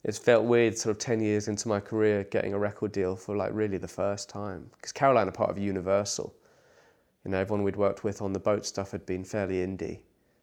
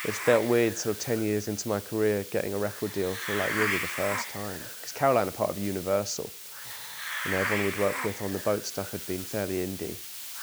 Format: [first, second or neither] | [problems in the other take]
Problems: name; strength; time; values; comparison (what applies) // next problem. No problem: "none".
first | hiss; loud; throughout; 5 dB below the speech